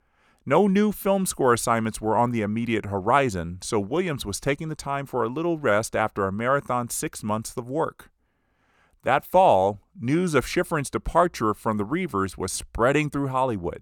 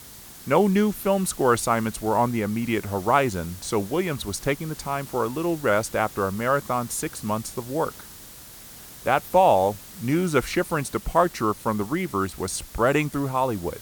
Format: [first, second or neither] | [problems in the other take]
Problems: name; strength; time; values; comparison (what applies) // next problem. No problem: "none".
first | hiss; noticeable; throughout; 15 dB below the speech